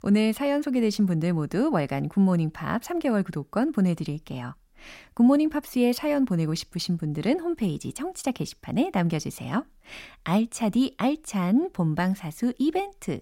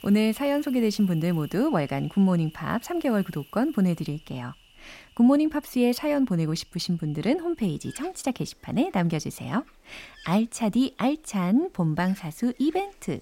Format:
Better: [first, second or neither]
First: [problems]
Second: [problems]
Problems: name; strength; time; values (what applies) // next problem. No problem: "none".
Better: first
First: none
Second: animal sounds; faint; throughout; 25 dB below the speech